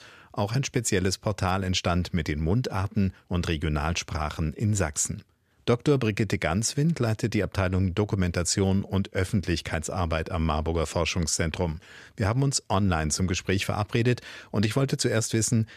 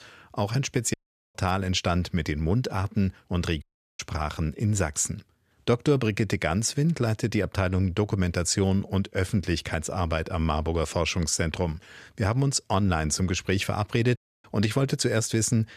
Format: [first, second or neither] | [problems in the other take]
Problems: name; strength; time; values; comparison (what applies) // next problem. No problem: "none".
first | audio cutting out; at 1 s, at 3.5 s and at 14 s